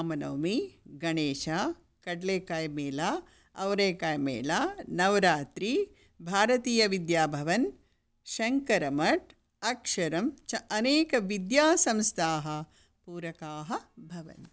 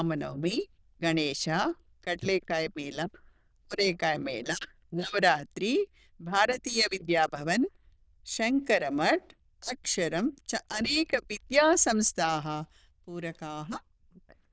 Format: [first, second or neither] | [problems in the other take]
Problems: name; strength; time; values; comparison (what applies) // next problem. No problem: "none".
first | noise reduction (neural diffusion model UNIVERSE++)